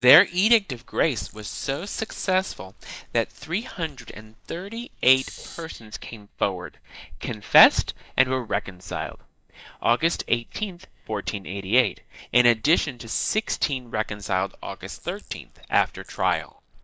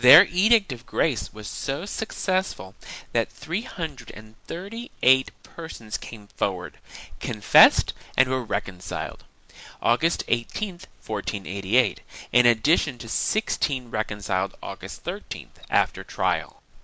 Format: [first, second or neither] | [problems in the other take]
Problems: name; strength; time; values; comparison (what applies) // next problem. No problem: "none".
second | noise reduction (neural mask model DeepFilterNet 3)